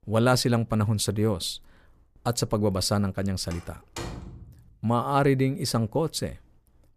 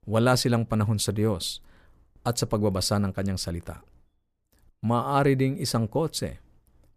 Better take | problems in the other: second | door banging; faint; from 3.5 to 4.5 s; peak 10 dB below the speech

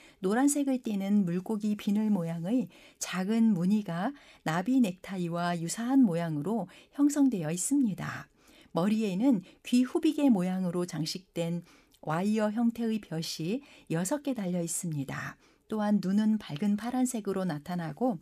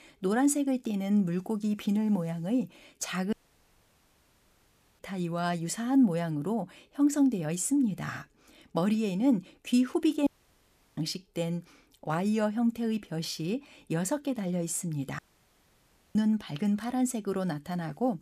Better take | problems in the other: first | audio cutting out; at 3.5 s for 1.5 s, at 10 s for 0.5 s and at 15 s for 1 s

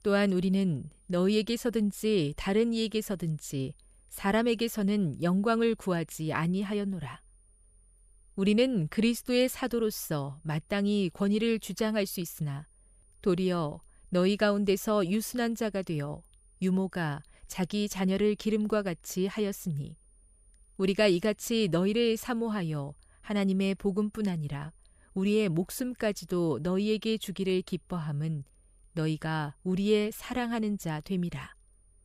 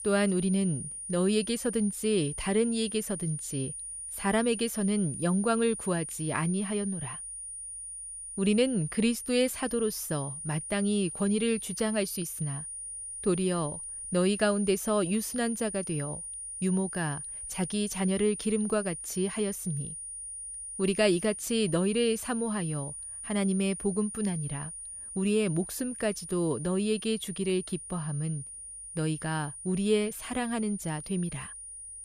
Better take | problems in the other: first | high-pitched whine; loud; throughout; 9.5 kHz, 8 dB below the speech; faint in the first

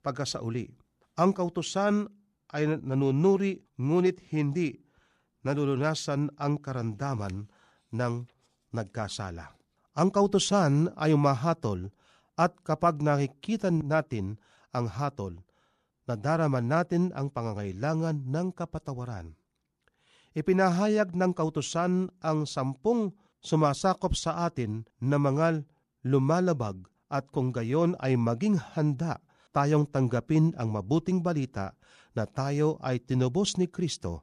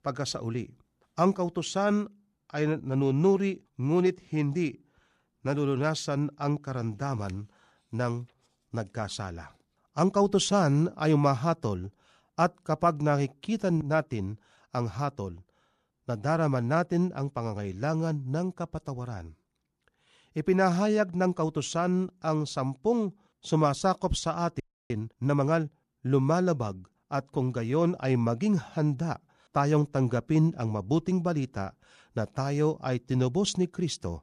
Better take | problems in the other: first | audio freezing; at 25 s

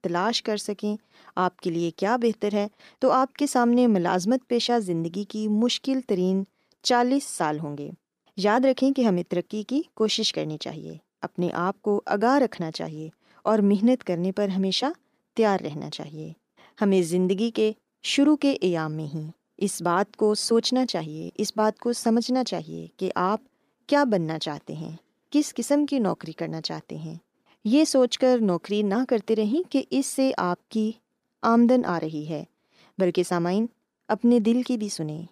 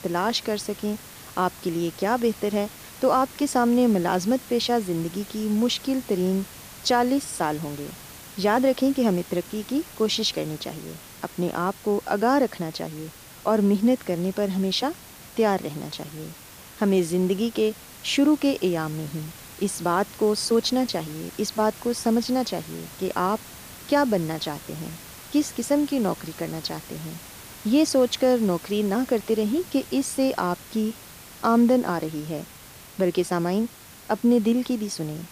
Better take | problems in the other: first | hiss; noticeable; throughout; 15 dB below the speech

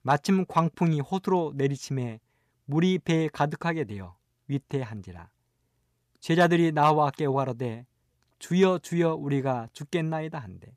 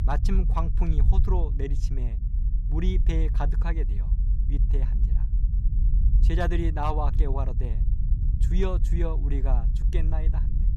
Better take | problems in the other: first | low rumble; noticeable; throughout; 10 dB below the speech

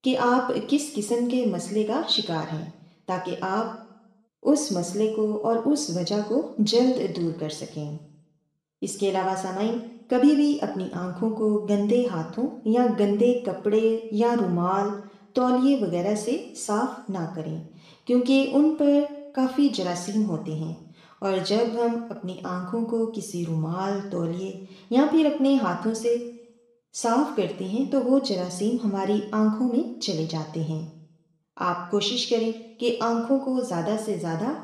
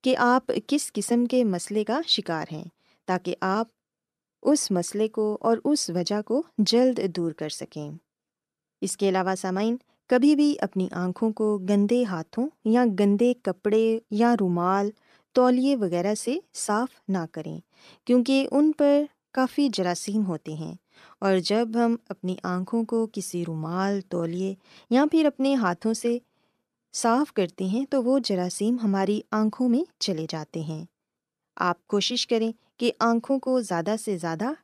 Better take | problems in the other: second | room echo; noticeable; dies away in 0.7 s // off-mic speech; somewhat distant

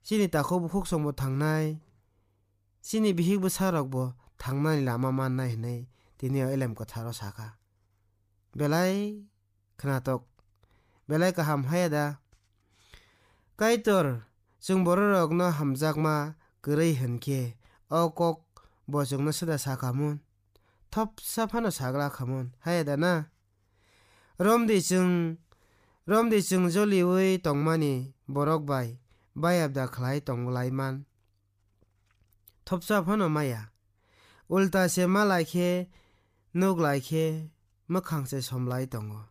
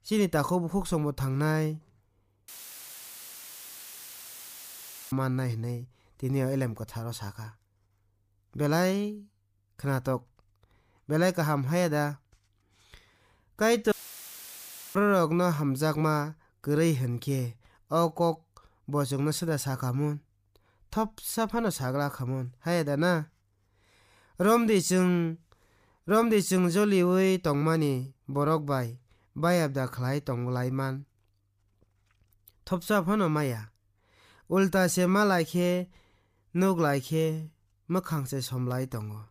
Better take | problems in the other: first | audio cutting out; filled with static; at 2.5 s for 2.5 s and at 14 s for 1 s

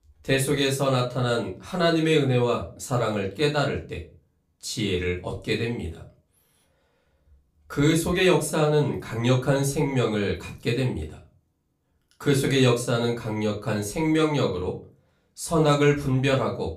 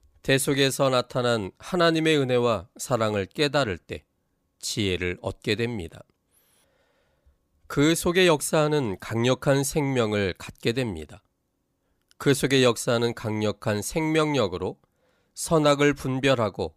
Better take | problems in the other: second | off-mic speech; far // room echo; slight; dies away in 0.3 s

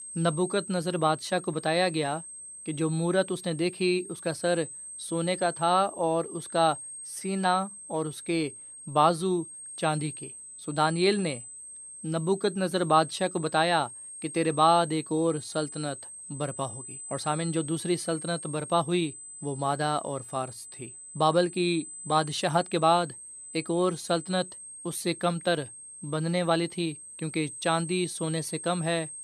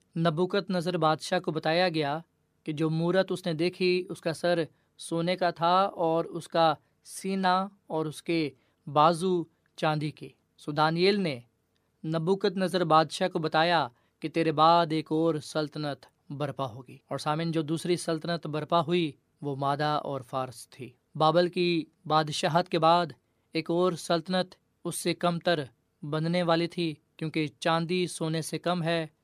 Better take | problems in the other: second | high-pitched whine; noticeable; throughout; 8.5 kHz, 10 dB below the speech

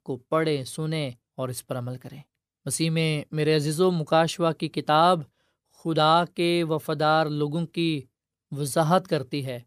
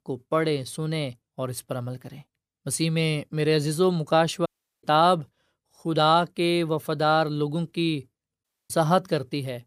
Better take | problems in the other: first | audio cutting out; at 4.5 s and at 8.5 s

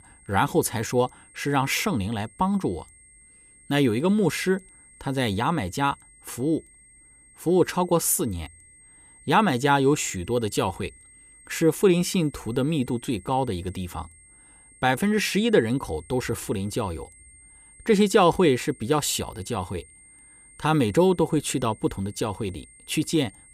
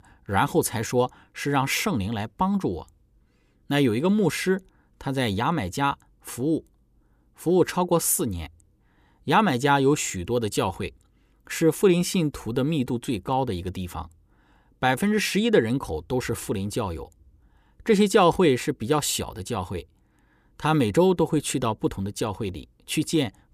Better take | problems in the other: second | high-pitched whine; faint; throughout; 8.5 kHz, 25 dB below the speech

